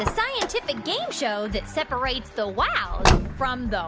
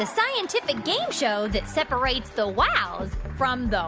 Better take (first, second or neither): second